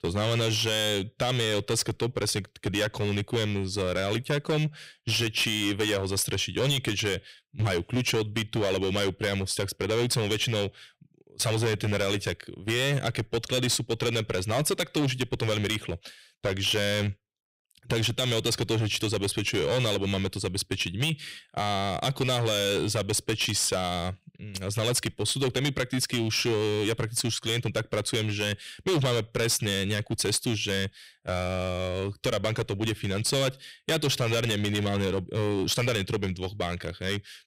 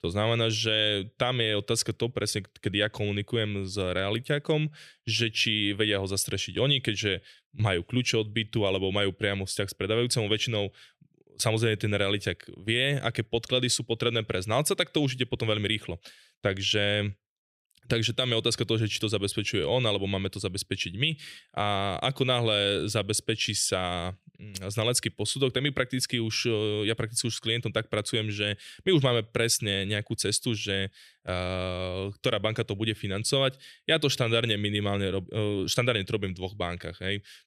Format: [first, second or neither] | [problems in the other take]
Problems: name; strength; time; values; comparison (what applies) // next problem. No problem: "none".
second | distortion; heavy; 12% of the sound clipped